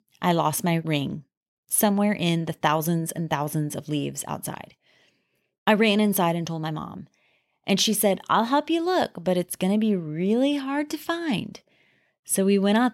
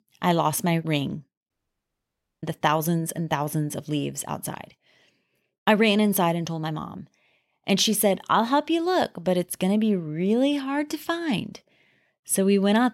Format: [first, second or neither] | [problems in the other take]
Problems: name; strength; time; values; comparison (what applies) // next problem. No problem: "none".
first | audio cutting out; at 1.5 s for 1 s